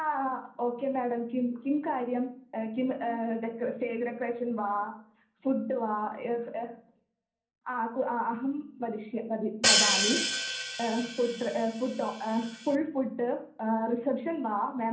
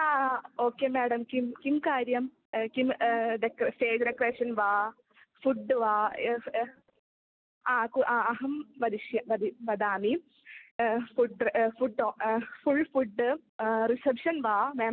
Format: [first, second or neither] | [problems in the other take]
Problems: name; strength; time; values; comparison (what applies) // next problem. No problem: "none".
second | background sound (Hi-hat); 2 dB above the speech // room echo; dies away in 0.6 s